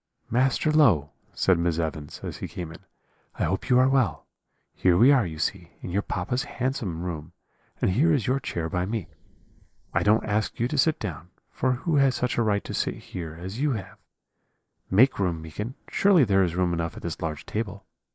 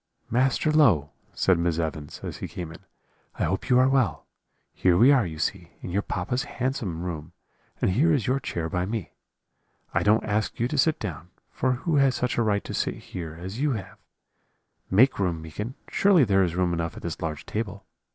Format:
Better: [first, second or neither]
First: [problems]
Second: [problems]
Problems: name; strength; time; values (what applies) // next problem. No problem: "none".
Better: second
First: noise reduction (neural mask model Resemble Enhance denoiser)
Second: none